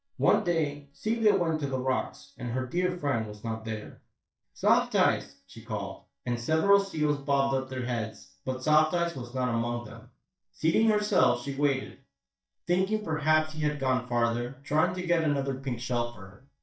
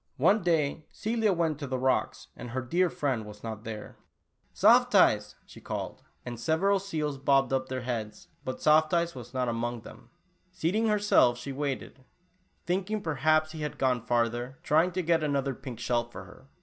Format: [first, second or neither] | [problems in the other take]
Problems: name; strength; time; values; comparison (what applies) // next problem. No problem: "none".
second | noise reduction (neural mask model DeepFilterNet 3)